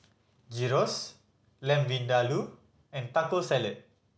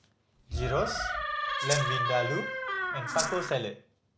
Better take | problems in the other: first | background sound (Door + Rattle (instrument)); 1 dB above the speech

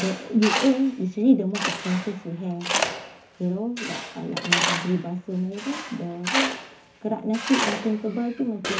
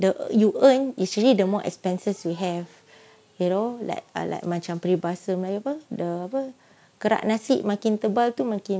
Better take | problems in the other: second | background sound (Tools); 4 dB below the speech // room echo; dies away in 0.3 s

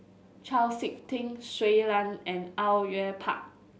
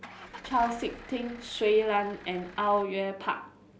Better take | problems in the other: first | background sound (Engine starting / Car); 17 dB below the speech

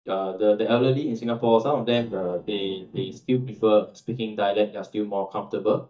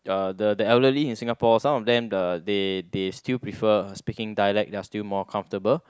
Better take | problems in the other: second | noise reduction (neural mask model DeepFilterNet 3)

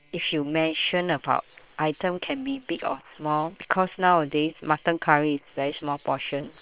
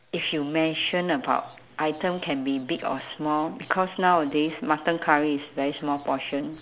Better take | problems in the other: second | noise reduction (neural separator model SepFormer WHAM!)

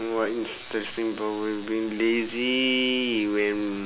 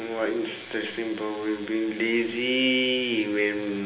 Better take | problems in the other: first | room echo; dies away in 0.8 s

